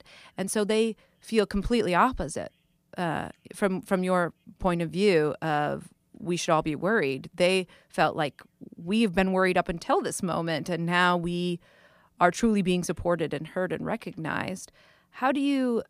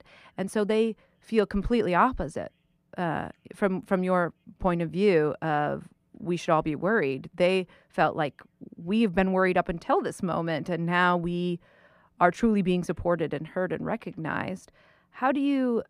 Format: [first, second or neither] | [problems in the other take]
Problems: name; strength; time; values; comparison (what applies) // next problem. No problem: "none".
first | muffled; slightly; fading above 3 kHz